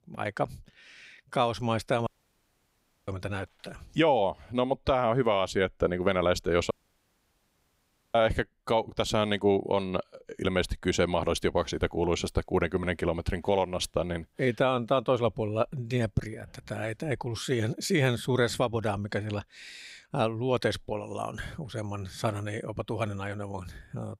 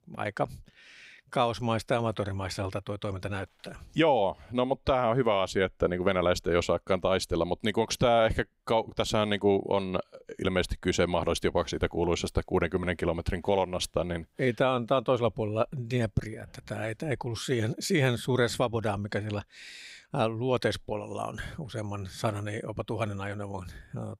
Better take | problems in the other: second | audio cutting out; at 2 s for 1 s and at 6.5 s for 1.5 s

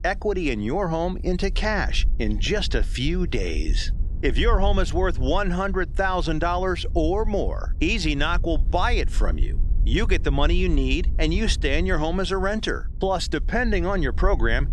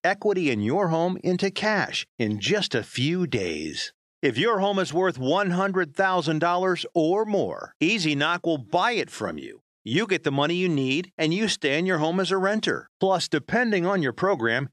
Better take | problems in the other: second | wind noise on the microphone; occasional gusts; 25 dB below the speech

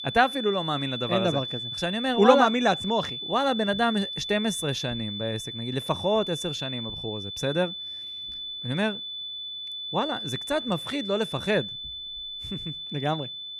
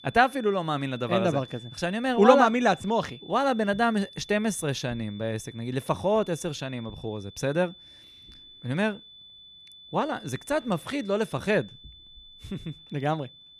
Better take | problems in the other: second | high-pitched whine; loud; throughout; 3.5 kHz, 6 dB below the speech; faint in the second

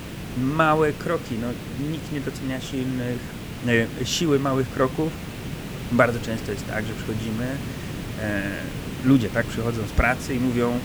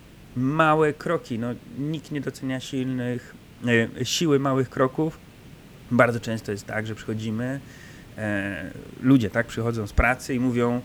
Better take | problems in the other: second | hiss; loud; throughout; 9 dB below the speech; faint in the second

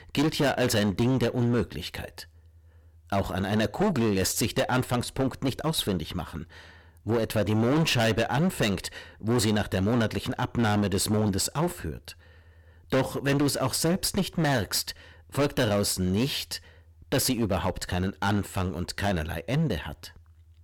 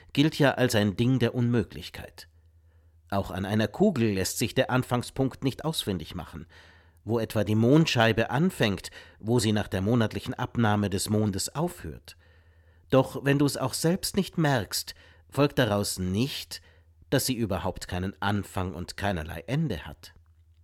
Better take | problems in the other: second | distortion; heavy; 14% of the sound clipped

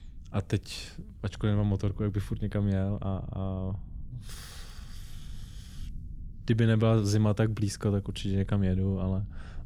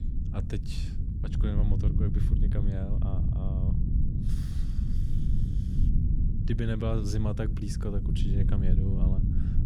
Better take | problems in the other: first | low rumble; loud; throughout; 3 dB below the speech; faint in the first

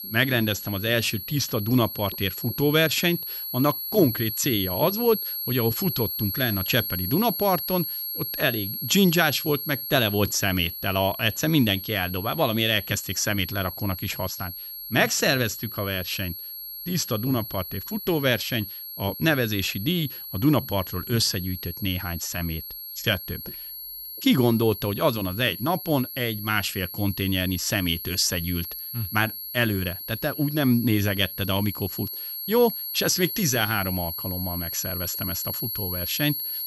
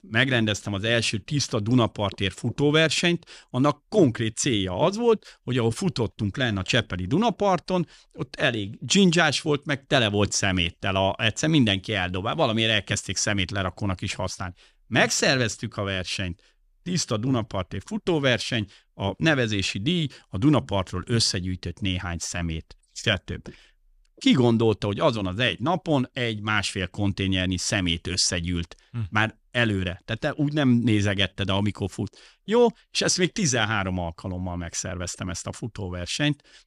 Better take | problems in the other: second | high-pitched whine; loud; throughout; 11.5 kHz, 6 dB below the speech

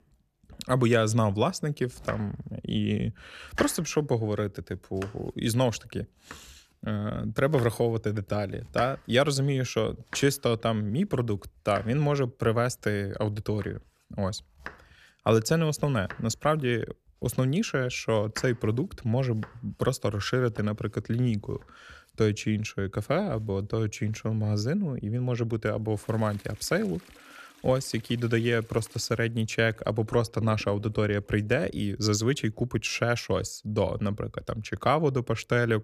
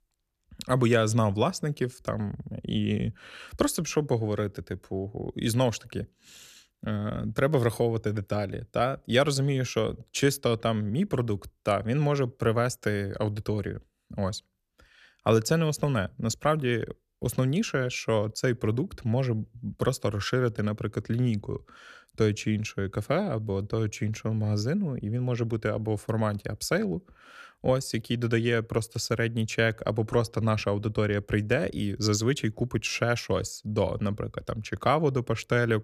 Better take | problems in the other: second | household noises; noticeable; throughout; 20 dB below the speech

